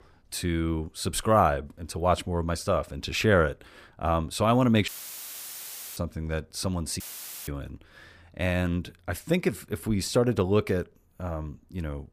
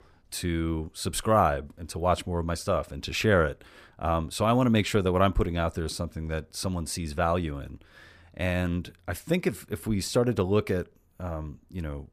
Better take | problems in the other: second | audio cutting out; filled with static; at 5 s for 1 s and at 7 s

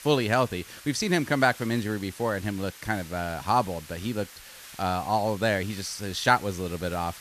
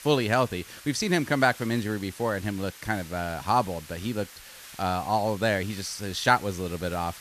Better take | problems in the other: neither | hiss; noticeable; throughout; 15 dB below the speech; the same in both

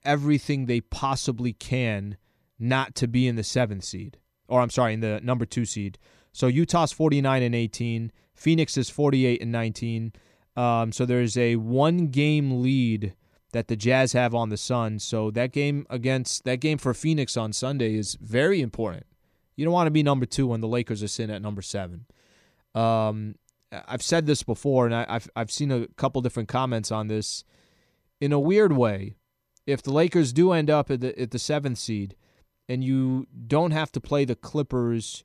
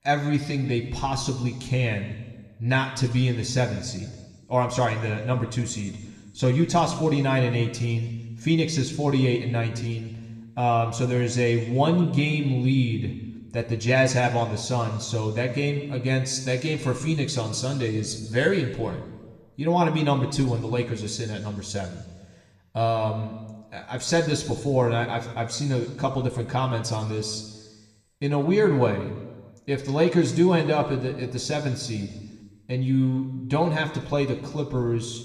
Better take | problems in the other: first | room echo; slight; dies away in 1.2 s

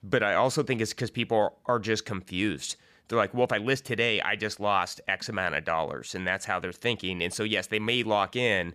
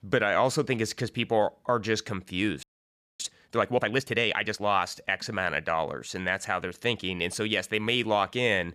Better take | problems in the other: first | audio freezing; at 2.5 s for 0.5 s

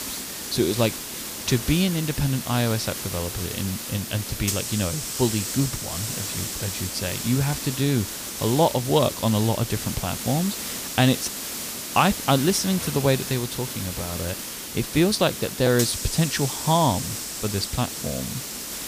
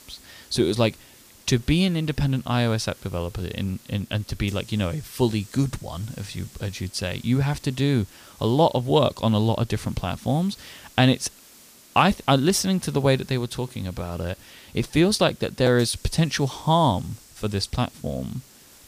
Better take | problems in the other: second | hiss; loud; throughout; 5 dB below the speech; faint in the second

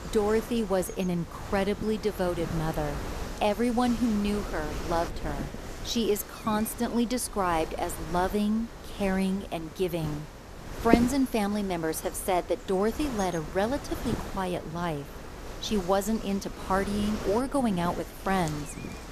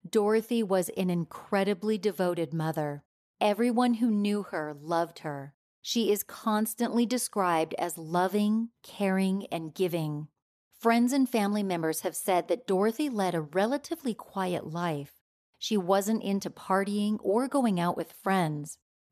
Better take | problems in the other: second | wind noise on the microphone; heavy; 10 dB below the speech

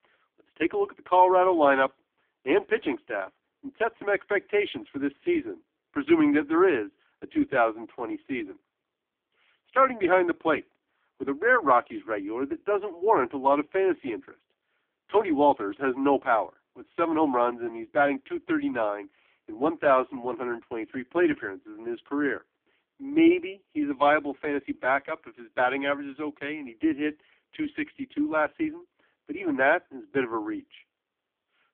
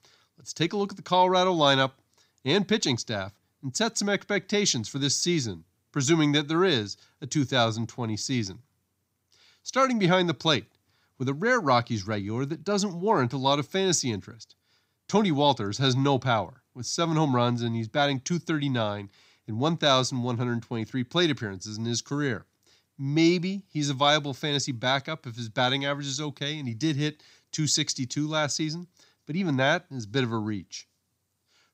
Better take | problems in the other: second | phone-call audio; poor line; nothing above 3.5 kHz

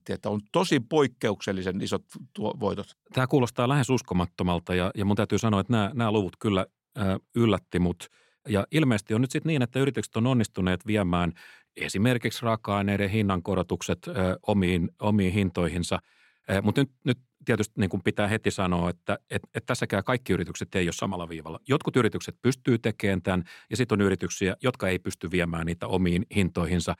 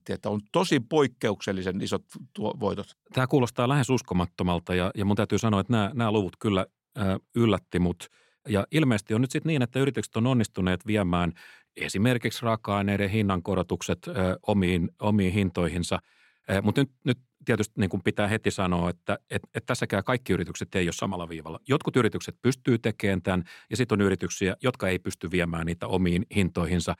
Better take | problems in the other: neither | none

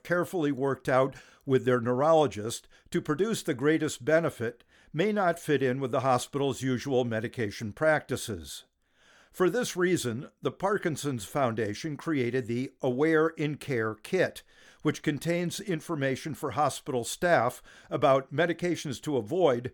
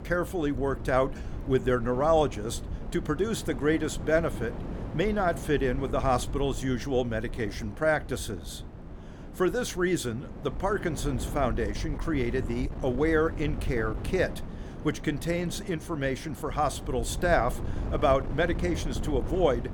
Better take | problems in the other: first | wind noise on the microphone; occasional gusts; 15 dB below the speech

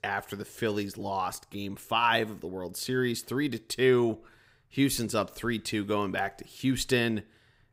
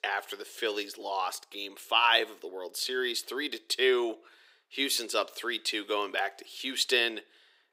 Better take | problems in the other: first | thin; somewhat; fading below 350 Hz

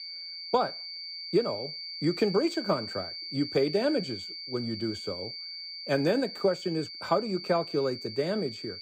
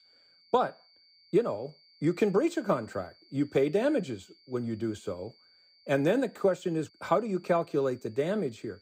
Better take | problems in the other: second | high-pitched whine; loud; throughout; 4.5 kHz, 7 dB below the speech; faint in the second

